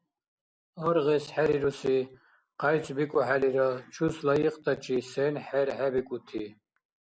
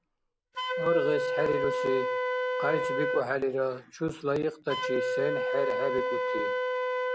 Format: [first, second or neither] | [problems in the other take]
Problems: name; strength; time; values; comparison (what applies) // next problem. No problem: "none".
first | background sound (Wind instrument, woodwind instrument); 1 dB above the speech